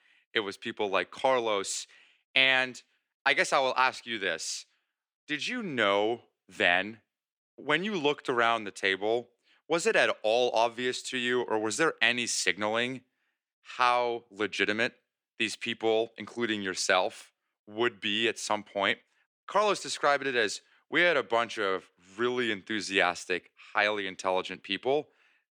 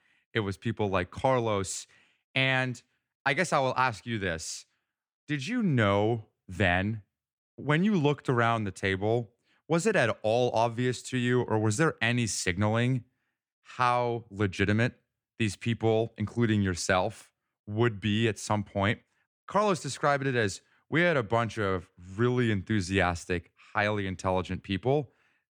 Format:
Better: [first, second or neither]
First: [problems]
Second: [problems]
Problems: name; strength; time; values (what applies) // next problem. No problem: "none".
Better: second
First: thin; somewhat; fading below 400 Hz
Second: none